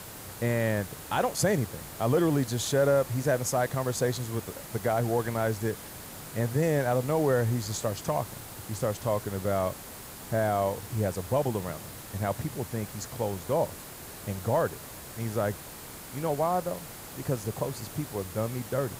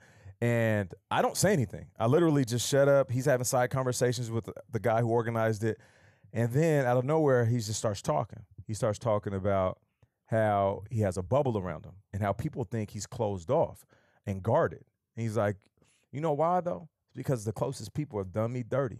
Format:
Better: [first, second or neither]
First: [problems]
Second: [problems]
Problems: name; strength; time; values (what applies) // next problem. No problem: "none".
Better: second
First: hiss; noticeable; throughout; 10 dB below the speech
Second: none